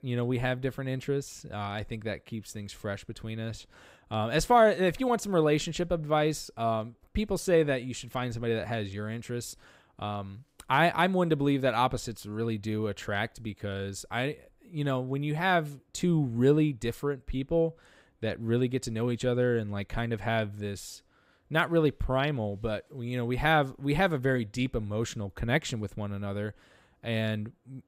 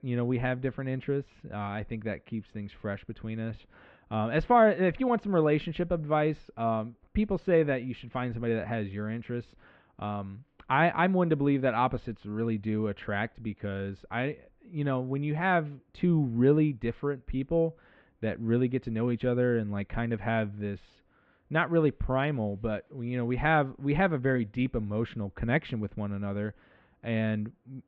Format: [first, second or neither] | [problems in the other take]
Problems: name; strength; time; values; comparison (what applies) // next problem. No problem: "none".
first | muffled; very; fading above 3 kHz